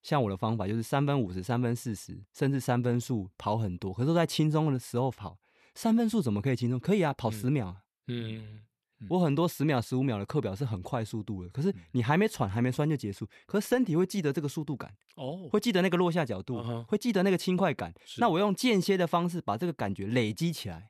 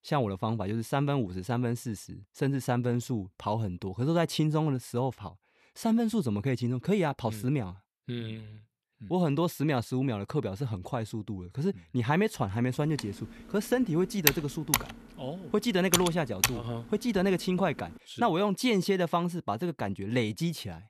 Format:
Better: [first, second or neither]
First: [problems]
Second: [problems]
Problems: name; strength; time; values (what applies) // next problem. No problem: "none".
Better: first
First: none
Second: keyboard typing; loud; from 13 to 16 s; peak 4 dB above the speech